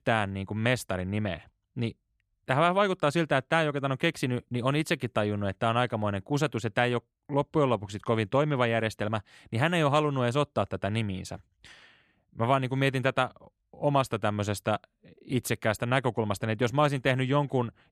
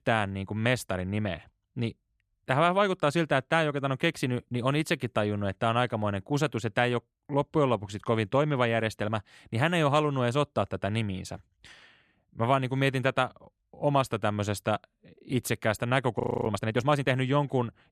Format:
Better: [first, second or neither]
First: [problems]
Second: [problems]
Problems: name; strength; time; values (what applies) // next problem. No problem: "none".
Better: first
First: none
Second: audio freezing; at 16 s